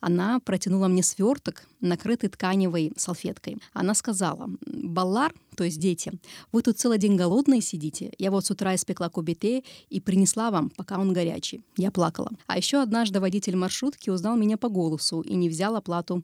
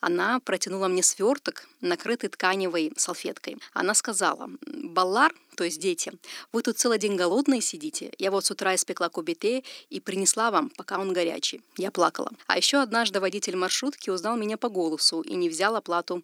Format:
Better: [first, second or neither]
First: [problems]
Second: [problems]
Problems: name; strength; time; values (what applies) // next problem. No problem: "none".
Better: first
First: none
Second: thin; somewhat; fading below 300 Hz